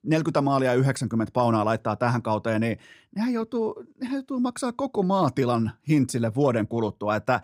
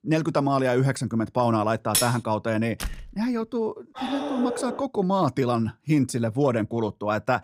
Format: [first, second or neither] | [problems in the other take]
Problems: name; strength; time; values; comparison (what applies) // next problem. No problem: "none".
first | clattering dishes; loud; at 2 s; peak 1 dB above the speech // door banging; faint; at 3 s; peak 10 dB below the speech // dog barking; noticeable; at 4 s; peak 5 dB below the speech